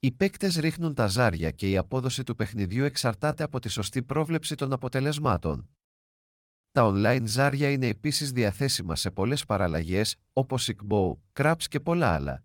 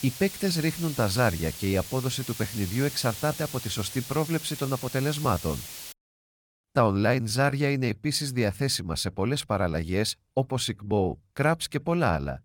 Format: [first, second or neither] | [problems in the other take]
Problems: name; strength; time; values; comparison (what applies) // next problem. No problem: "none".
first | hiss; loud; until 6 s; 10 dB below the speech